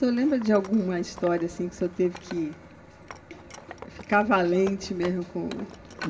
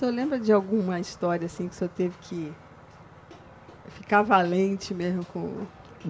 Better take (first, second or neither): second